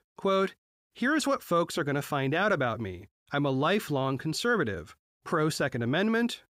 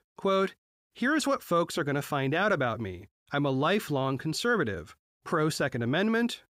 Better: neither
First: none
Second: none

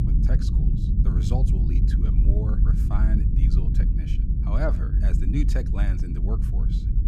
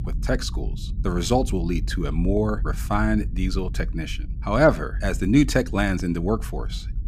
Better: second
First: low rumble; loud; throughout; 1 dB below the speech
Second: low rumble; faint; throughout; 20 dB below the speech

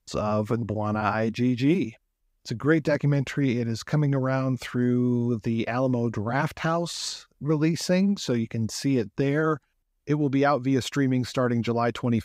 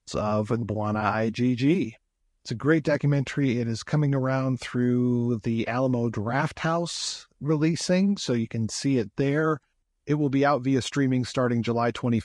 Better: first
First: none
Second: garbled, watery; slightly

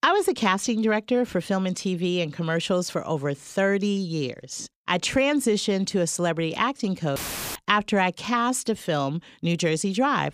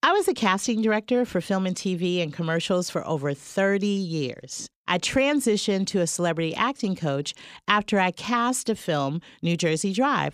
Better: second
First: audio cutting out; filled with static; at 7 s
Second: none

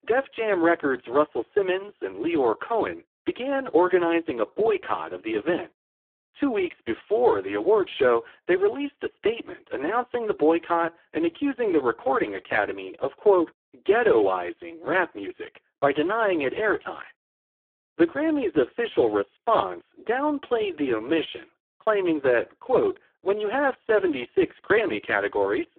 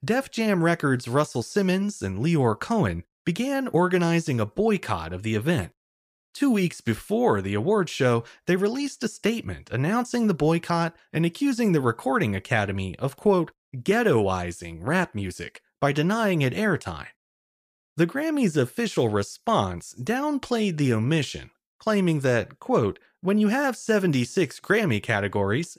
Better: second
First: phone-call audio; poor line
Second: none

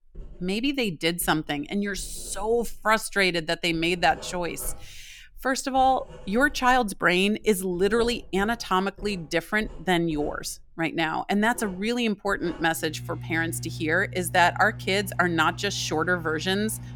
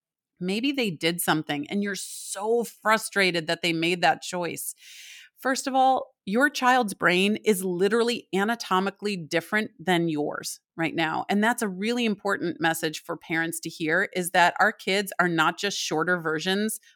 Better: second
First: household noises; noticeable; throughout; 15 dB below the speech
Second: none

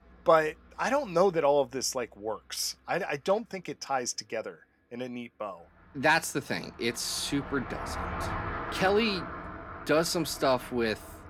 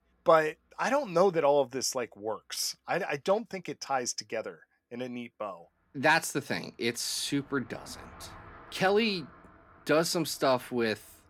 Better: second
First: traffic noise; loud; throughout; 10 dB below the speech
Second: traffic noise; faint; throughout; 25 dB below the speech

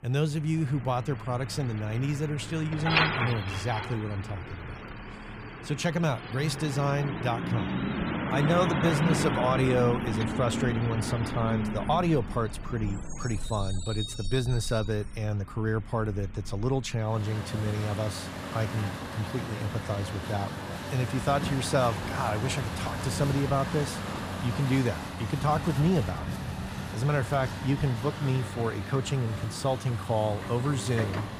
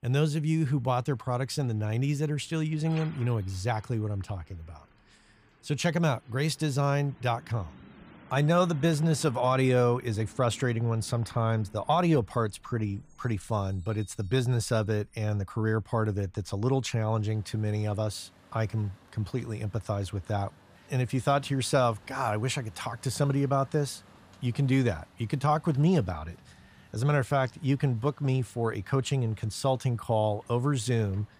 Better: second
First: traffic noise; loud; throughout; 4 dB below the speech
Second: traffic noise; faint; throughout; 25 dB below the speech

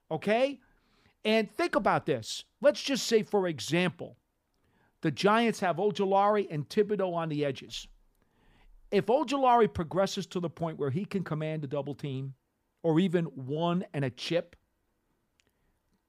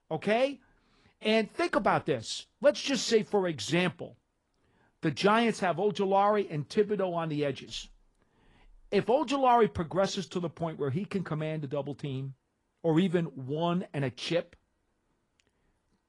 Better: first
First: none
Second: garbled, watery; slightly; nothing above 10.5 kHz

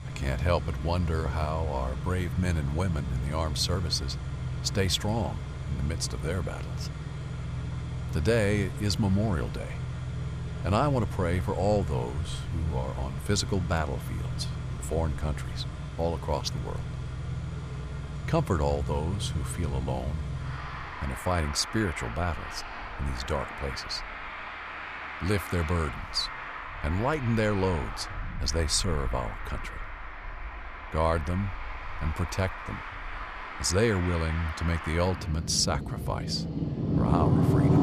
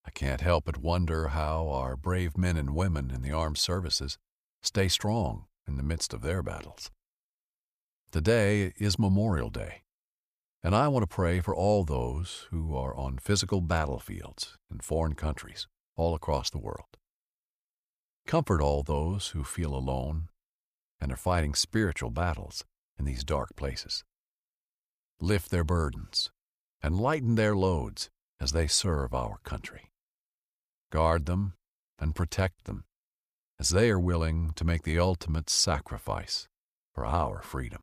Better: second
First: traffic noise; loud; throughout; 5 dB below the speech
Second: none

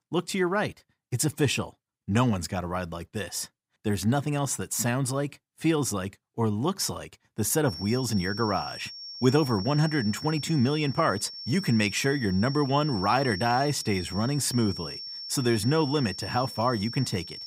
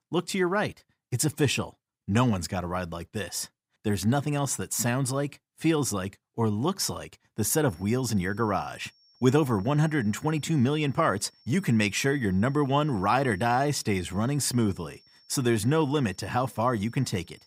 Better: second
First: high-pitched whine; loud; from 7.5 s on; 5.5 kHz, 10 dB below the speech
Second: high-pitched whine; faint; from 7.5 s on; 5.5 kHz, 30 dB below the speech

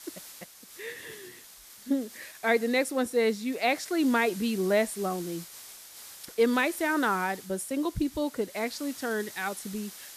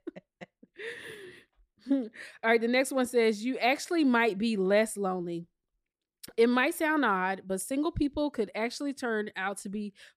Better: second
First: hiss; noticeable; throughout; 15 dB below the speech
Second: none

